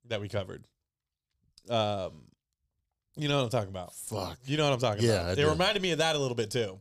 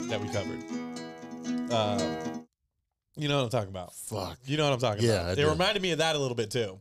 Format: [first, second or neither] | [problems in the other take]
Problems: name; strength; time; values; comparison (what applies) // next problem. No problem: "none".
first | background music; loud; until 2.5 s; 7 dB below the speech